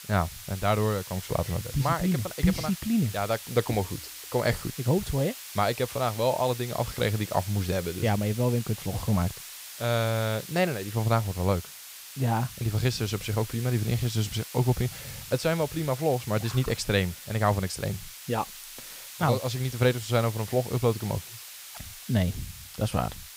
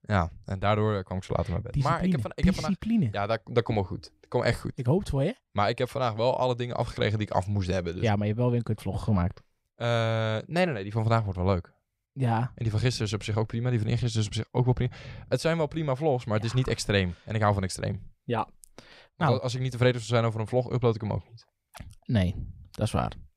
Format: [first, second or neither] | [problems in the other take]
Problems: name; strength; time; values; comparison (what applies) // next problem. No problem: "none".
second | hiss; noticeable; throughout; 10 dB below the speech